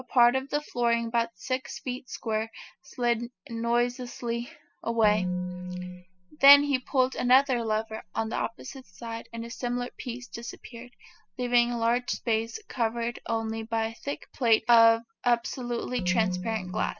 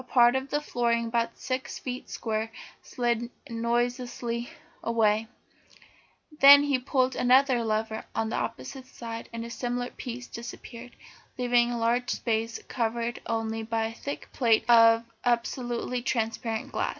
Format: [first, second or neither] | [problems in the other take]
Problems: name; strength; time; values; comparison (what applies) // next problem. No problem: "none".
second | noise reduction (classical method spectral subtraction)